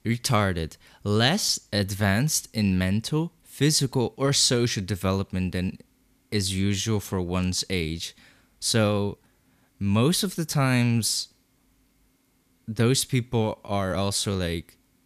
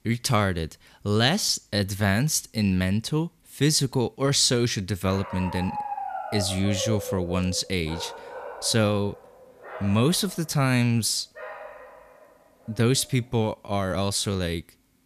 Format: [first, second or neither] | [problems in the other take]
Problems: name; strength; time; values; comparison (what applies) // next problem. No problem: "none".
first | dog barking; noticeable; from 5 to 12 s; peak 7 dB below the speech